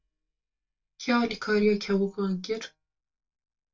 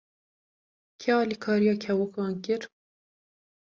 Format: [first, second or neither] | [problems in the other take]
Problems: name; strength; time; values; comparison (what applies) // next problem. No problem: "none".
second | noise reduction (neural mask model DeepFilterNet 3)